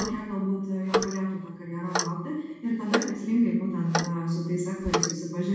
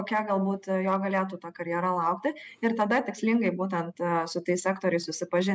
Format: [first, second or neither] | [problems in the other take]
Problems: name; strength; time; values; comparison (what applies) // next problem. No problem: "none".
second | background sound (Clock); 5 dB below the speech // room echo; dies away in 1.1 s